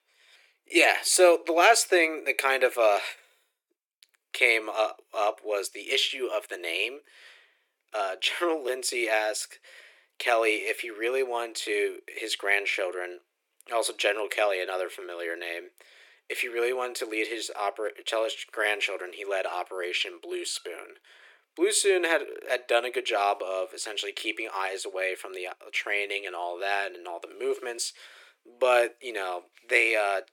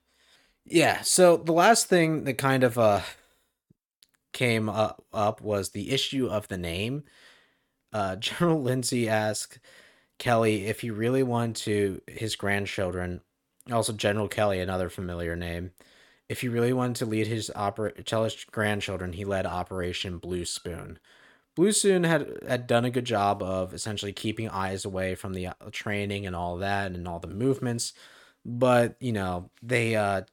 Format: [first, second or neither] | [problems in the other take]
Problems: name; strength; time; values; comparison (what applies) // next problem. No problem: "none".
second | thin; very; fading below 350 Hz